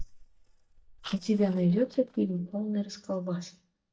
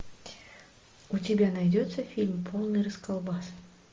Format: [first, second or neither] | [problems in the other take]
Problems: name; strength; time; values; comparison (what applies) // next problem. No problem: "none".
second | noise reduction (neural mask model DeepFilterNet 3)